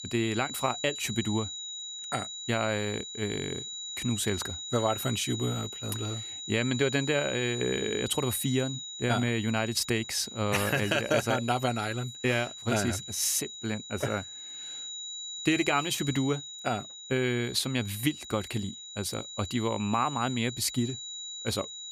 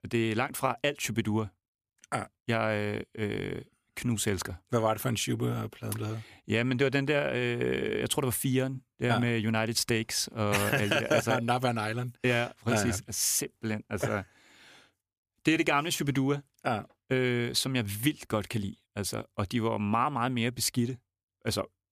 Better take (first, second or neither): second